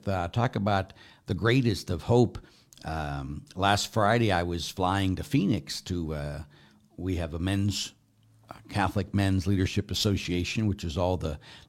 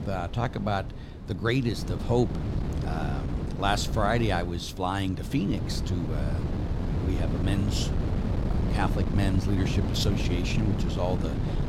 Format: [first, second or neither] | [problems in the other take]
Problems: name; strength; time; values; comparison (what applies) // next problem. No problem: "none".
first | wind noise on the microphone; heavy; 7 dB below the speech